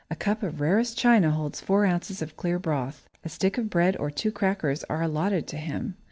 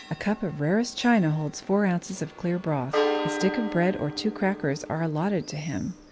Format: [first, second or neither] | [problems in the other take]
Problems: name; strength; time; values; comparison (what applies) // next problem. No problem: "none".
first | background sound (Church bell); 8 dB below the speech